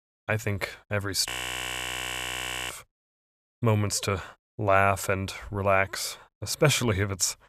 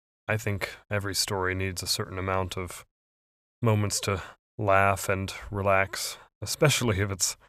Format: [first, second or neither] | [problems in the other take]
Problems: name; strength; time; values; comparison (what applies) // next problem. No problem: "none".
second | audio freezing; at 1.5 s for 1.5 s